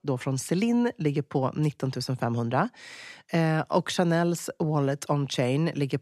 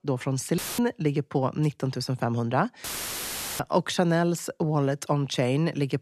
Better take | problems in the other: first | audio cutting out; filled with static; at 0.5 s and at 3 s for 1 s

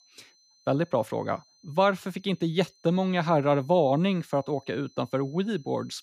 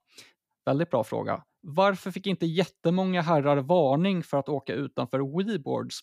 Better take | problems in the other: second | high-pitched whine; faint; throughout; 4 kHz, 30 dB below the speech

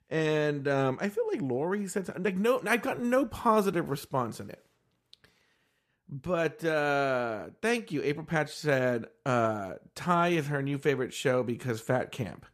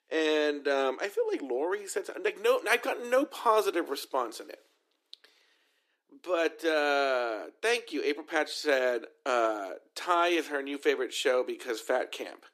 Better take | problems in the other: first | thin; somewhat; fading below 300 Hz

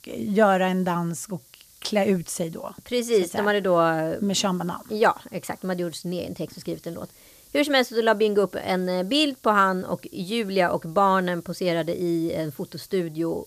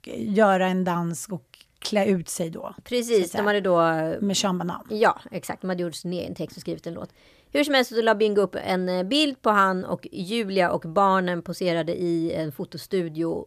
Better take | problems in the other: second | hiss; faint; throughout; 25 dB below the speech

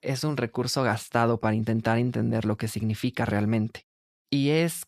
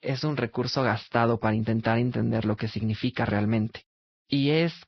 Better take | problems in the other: first | garbled, watery; badly; nothing above 5.5 kHz

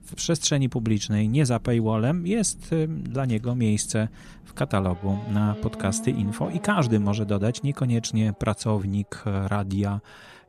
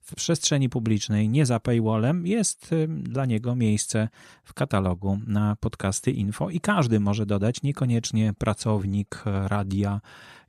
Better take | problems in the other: second | traffic noise; noticeable; throughout; 15 dB below the speech

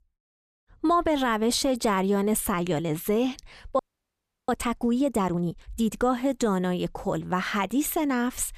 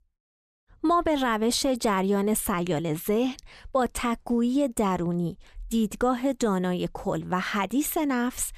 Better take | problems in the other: second | audio freezing; at 4 s for 0.5 s

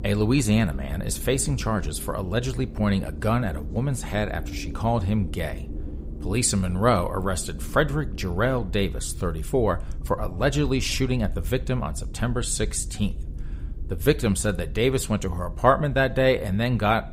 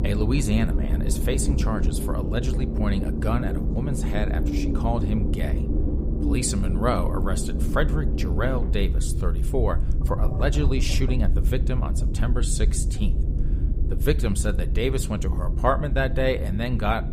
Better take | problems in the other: first | low rumble; loud; throughout; 7 dB below the speech; faint in the first

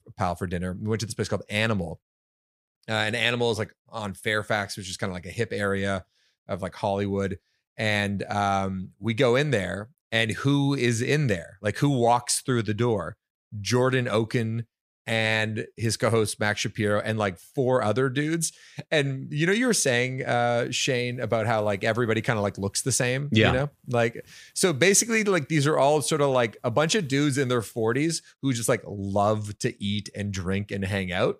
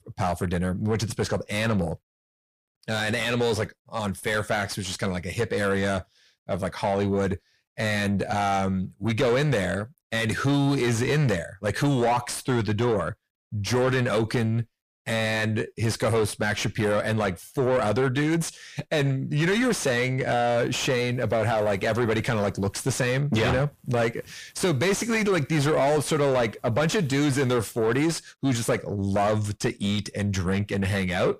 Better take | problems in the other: first | distortion; heavy; 7 dB below the speech

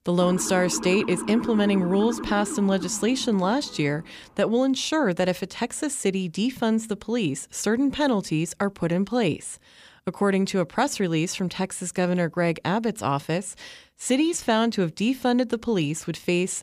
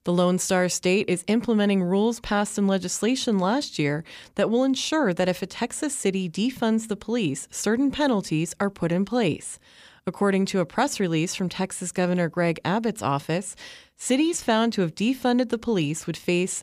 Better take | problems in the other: second | siren; noticeable; until 4 s; peak 7 dB below the speech

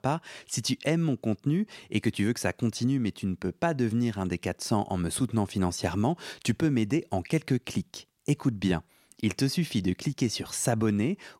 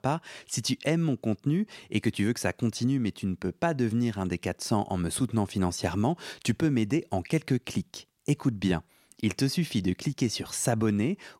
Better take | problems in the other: neither | none

